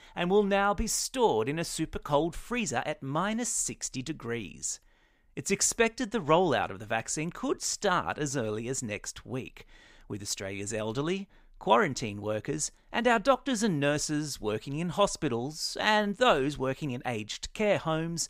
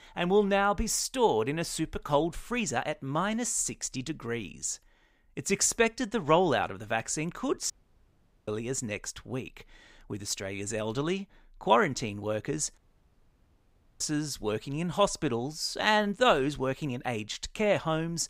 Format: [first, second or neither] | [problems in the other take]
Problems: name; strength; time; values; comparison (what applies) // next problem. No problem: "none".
first | audio cutting out; at 7.5 s for 1 s and at 13 s for 1 s